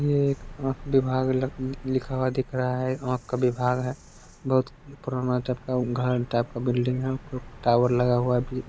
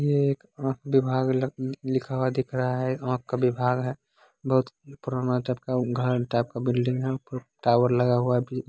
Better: second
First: background sound (Bird vocalization, bird call, bird song); 18 dB below the speech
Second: none

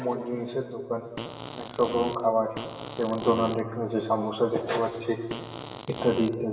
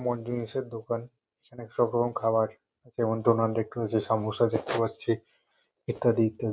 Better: second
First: background sound (Fart); 10 dB below the speech // room echo; dies away in 2.1 s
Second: none

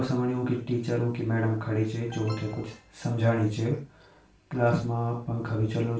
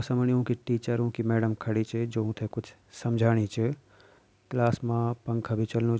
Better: second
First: background sound (Alarm); 20 dB below the speech // room echo; dies away in 0.3 s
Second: none

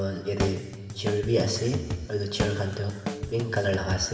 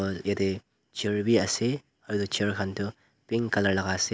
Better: second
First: background sound (Drum kit); 4 dB below the speech // room echo; dies away in 2.1 s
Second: none

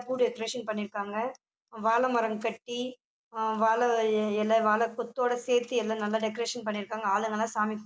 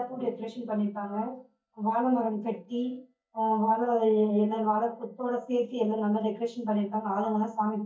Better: first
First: none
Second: noise reduction (neural mask model DeepFilterNet 3)

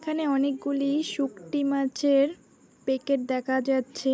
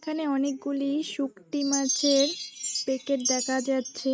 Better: first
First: none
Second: noise reduction (neural mask model RNNoise)

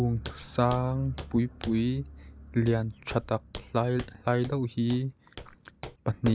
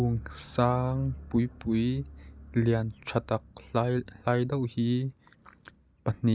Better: second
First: background sound (Walk, footsteps); 16 dB below the speech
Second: none

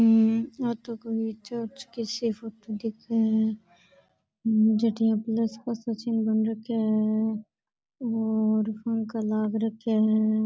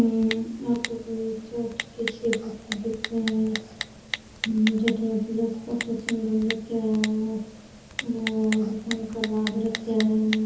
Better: first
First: none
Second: background sound (Typing); 10 dB below the speech // room echo; dies away in 0.8 s

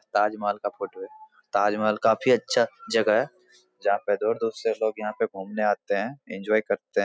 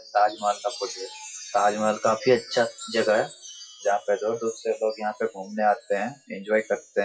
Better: first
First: none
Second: noise reduction (classical method WPE with log-MMSE)

